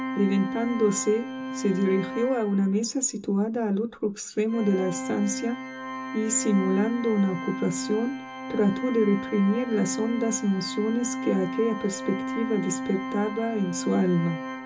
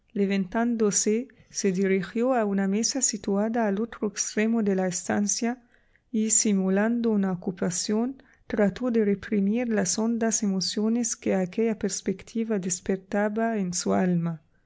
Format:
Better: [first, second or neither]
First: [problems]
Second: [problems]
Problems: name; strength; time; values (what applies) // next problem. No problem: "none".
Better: second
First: background sound (Organ); 7 dB below the speech // room echo; dies away in 0.2 s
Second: none